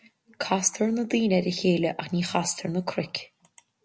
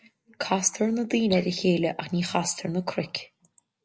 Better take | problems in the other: first | noise reduction (neural mask model Resemble Enhance denoiser)

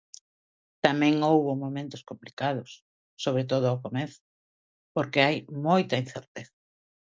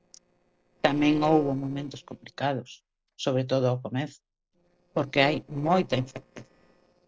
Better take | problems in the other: first | noise reduction (neural separator model SepFormer DNS4)

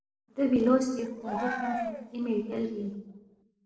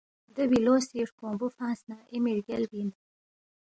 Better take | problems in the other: second | noise reduction (neural separator model SepFormer DNS4)

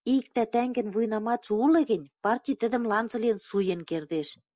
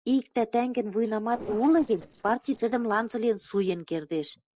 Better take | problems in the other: first | noise reduction (neural separator model SepFormer DNS4)

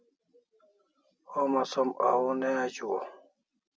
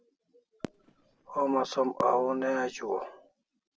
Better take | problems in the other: first | background sound (Fireworks); 16 dB below the speech

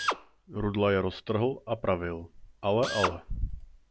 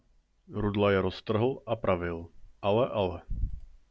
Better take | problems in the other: second | background sound (Drill); 8 dB below the speech

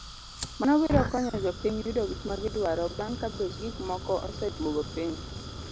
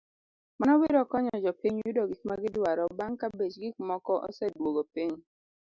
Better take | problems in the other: second | background sound (Fire); 7 dB below the speech

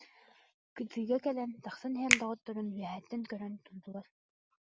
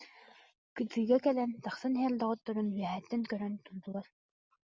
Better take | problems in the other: second | background sound (Finger snapping); 1 dB above the speech

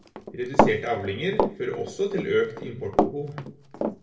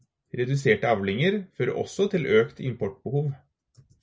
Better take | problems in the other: second | background sound (Run); 1 dB above the speech // room echo; dies away in 0.6 s

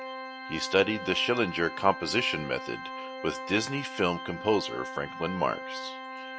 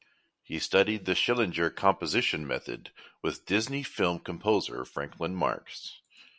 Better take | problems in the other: second | background sound (Organ); 9 dB below the speech

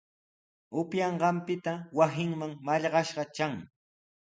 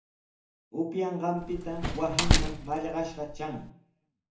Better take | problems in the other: first | background sound (Slam); 4 dB above the speech // room echo; dies away in 0.6 s

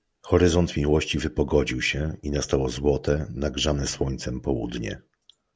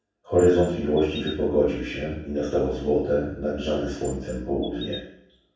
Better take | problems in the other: first | background sound (Chirp, tweet); 19 dB below the speech // room echo; dies away in 0.7 s

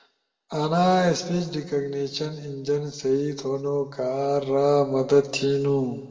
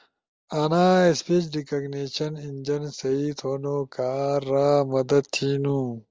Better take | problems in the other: second | room echo; dies away in 1.4 s

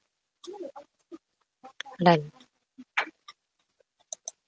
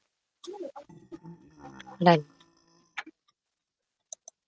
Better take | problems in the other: first | noise reduction (neural mask model RNNoise)

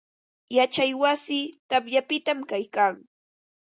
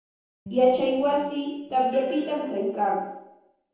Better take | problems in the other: first | noise reduction (neural separator model SepFormer DNS4)

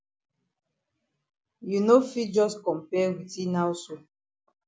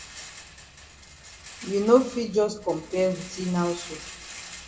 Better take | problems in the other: first | background sound (Rattle); 16 dB below the speech // room echo; dies away in 1.2 s

